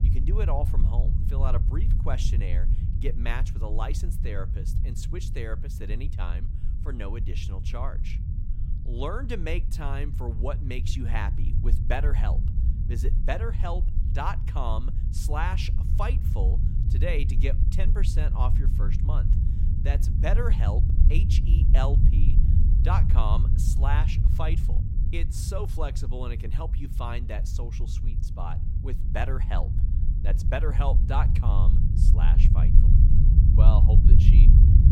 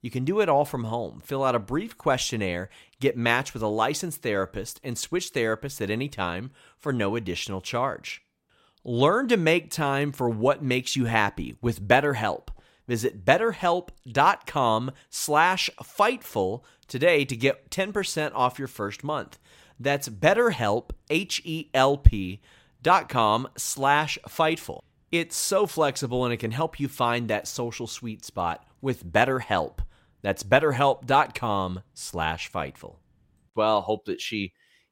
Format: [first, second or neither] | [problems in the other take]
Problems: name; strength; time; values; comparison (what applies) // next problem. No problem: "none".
second | low rumble; loud; throughout; 6 dB below the speech